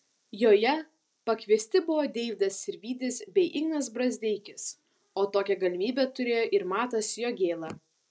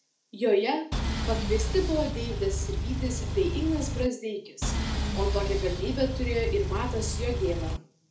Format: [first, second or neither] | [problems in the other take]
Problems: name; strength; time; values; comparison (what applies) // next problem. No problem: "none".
first | background sound (Engine); 1 dB above the speech // room echo; dies away in 0.4 s